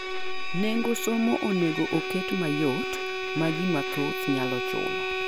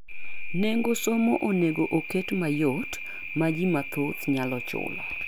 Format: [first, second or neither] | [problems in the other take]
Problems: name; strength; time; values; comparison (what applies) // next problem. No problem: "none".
second | background sound (Bowed string instrument); 5 dB below the speech